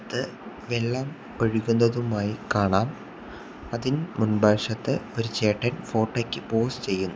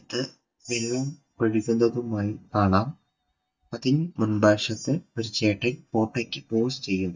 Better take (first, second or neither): first